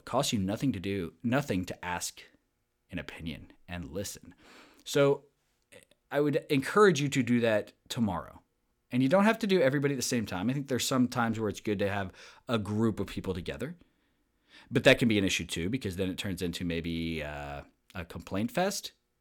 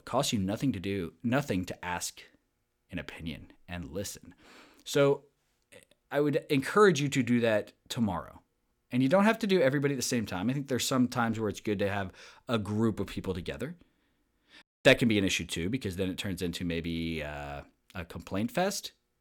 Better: first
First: none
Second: audio cutting out; at 15 s

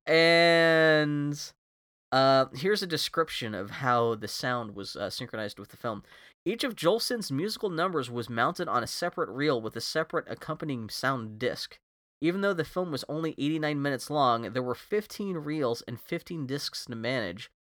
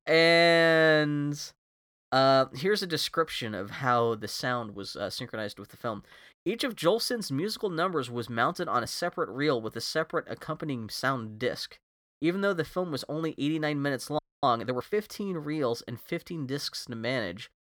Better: first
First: none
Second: audio freezing; at 14 s

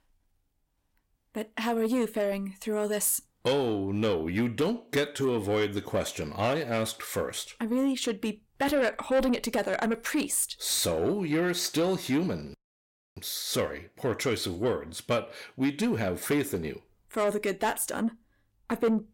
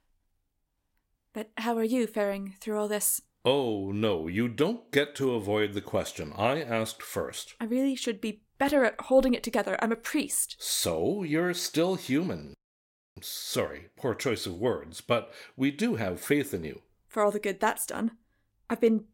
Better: second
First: distortion; slight; 10 dB below the speech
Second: none

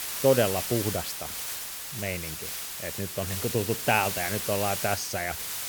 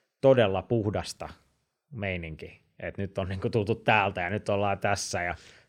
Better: second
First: hiss; loud; throughout; 3 dB below the speech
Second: none

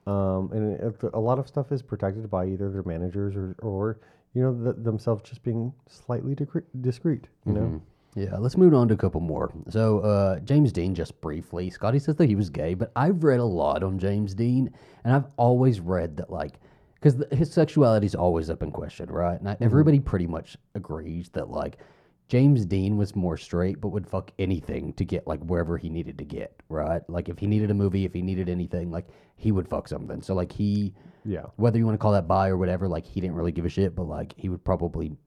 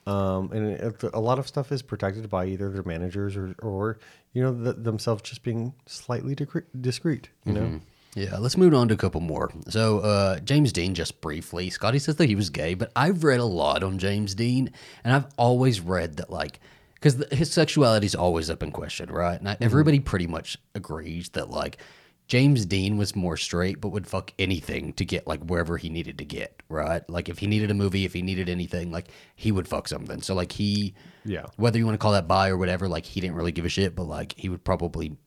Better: second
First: muffled; slightly; fading above 1.5 kHz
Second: none

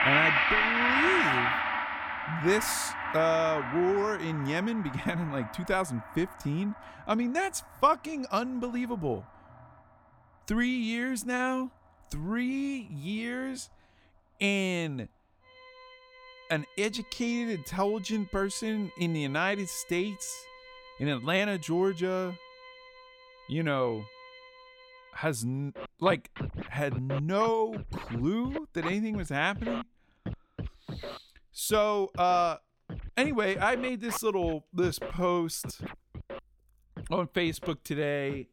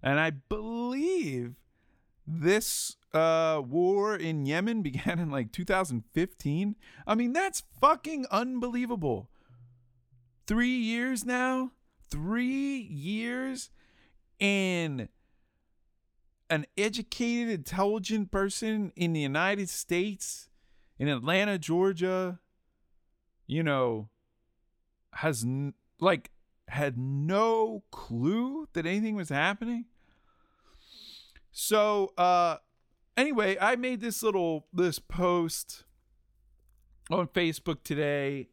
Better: second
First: background music; loud; throughout; 2 dB below the speech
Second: none

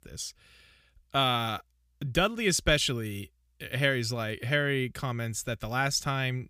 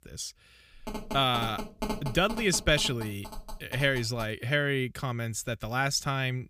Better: first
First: none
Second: phone ringing; noticeable; from 1 to 4.5 s; peak 6 dB below the speech

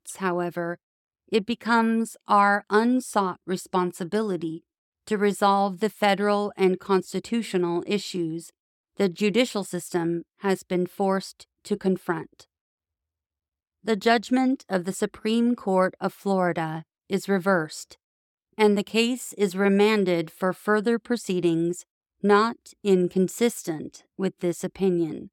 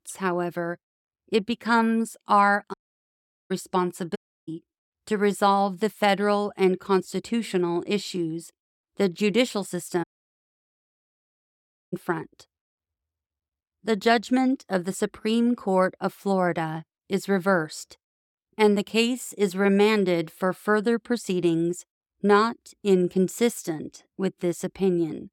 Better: first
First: none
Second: audio cutting out; at 2.5 s for 1 s, at 4 s and at 10 s for 2 s

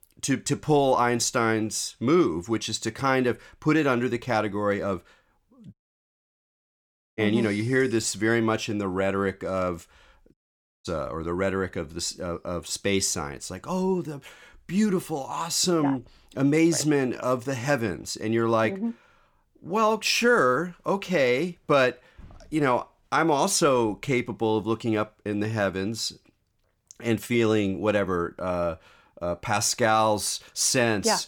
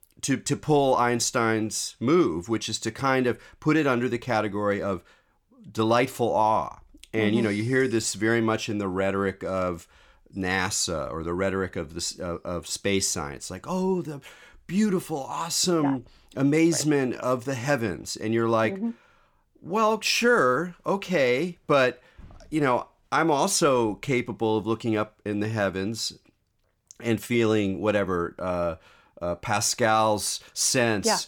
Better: second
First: audio cutting out; at 5.5 s for 1.5 s and at 10 s for 0.5 s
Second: none

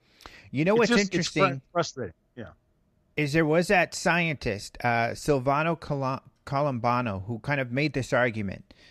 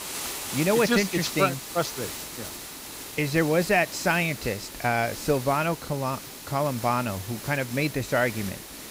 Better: first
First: none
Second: hiss; loud; throughout; 9 dB below the speech

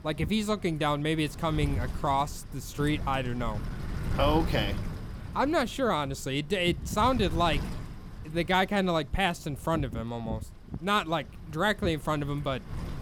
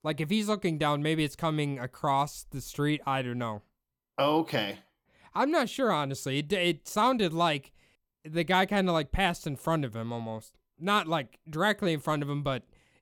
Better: second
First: wind noise on the microphone; occasional gusts; 15 dB below the speech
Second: none

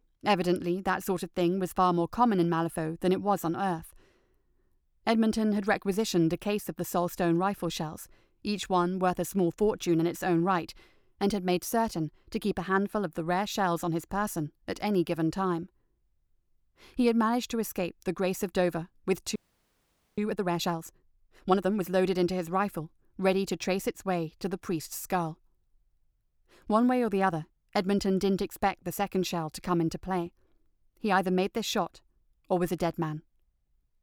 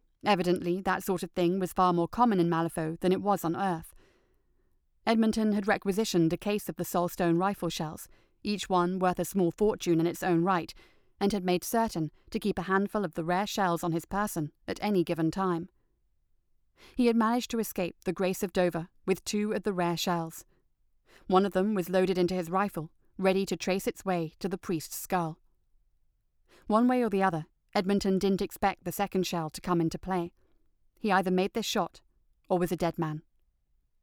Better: second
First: audio freezing; at 19 s for 1 s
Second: none

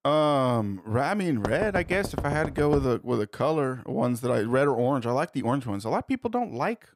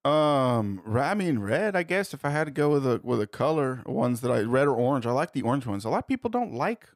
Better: second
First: door banging; noticeable; from 1.5 to 3 s; peak 6 dB below the speech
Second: none

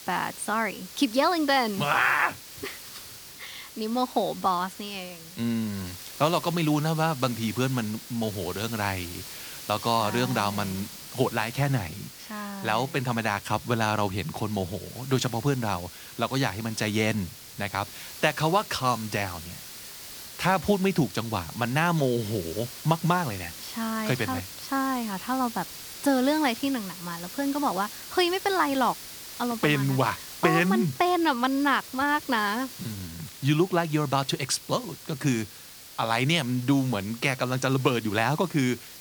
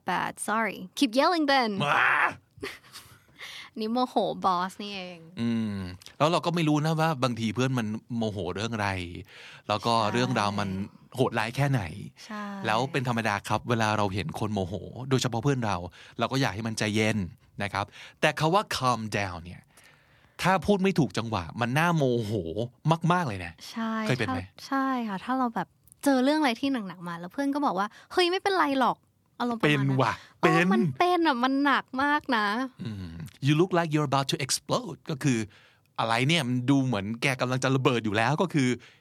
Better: second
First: hiss; noticeable; throughout; 15 dB below the speech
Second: none

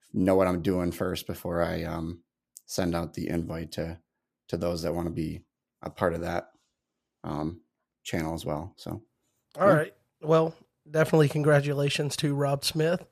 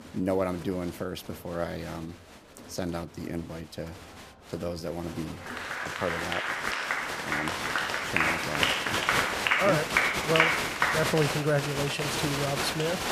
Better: first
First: none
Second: crowd noise; very loud; throughout; 5 dB above the speech

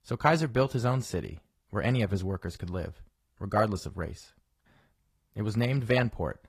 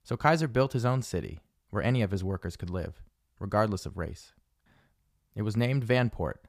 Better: second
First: garbled, watery; slightly; nothing above 15 kHz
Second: none

